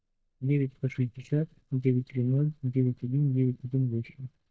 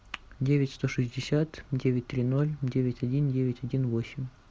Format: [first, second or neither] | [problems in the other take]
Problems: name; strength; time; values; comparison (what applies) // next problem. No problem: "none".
second | noise reduction (neural mask model DeepFilterNet 3)